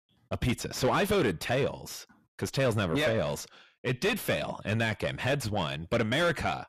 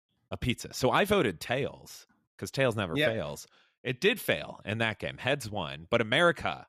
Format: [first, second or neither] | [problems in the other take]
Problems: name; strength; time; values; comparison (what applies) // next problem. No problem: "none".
second | distortion; heavy; 6 dB below the speech